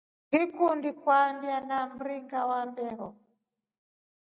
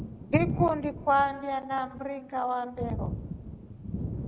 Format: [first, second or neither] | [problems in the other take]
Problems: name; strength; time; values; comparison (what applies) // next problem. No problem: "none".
first | background sound (Thunder); 5 dB below the speech